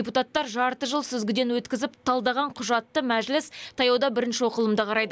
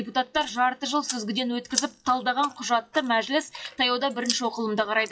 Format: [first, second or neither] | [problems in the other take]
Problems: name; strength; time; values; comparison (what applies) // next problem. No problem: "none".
first | noise reduction (classical method WPE with log-MMSE)